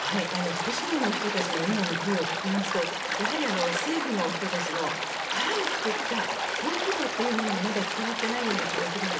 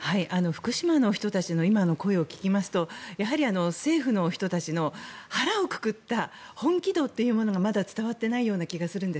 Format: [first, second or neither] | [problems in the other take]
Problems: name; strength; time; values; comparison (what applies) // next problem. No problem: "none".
second | background sound (Stream); 1 dB above the speech // room echo; dies away in 1.6 s